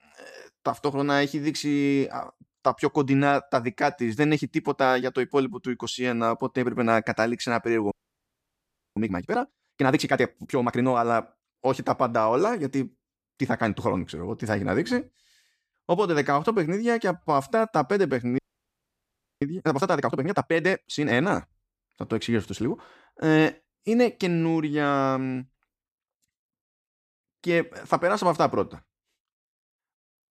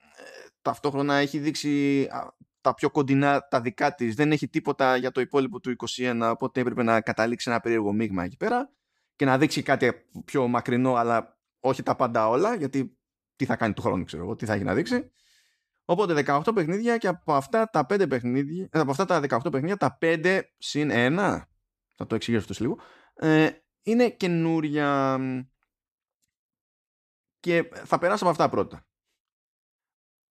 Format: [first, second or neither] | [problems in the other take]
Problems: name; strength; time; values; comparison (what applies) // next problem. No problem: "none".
second | audio freezing; at 8 s for 1 s and at 18 s for 1 s